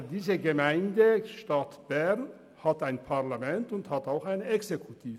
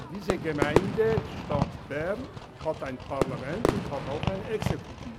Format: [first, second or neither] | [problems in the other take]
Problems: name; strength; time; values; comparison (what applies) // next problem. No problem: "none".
first | background sound (Fireworks); 1 dB above the speech